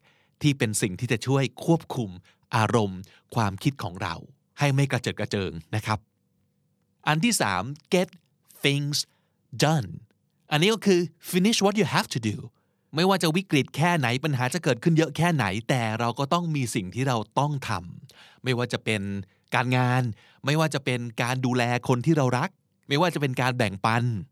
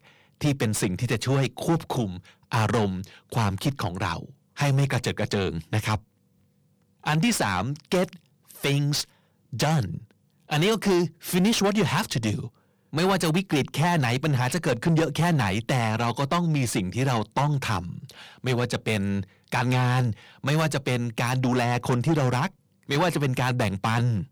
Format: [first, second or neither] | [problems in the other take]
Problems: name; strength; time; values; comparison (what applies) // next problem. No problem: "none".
first | distortion; heavy; 7 dB below the speech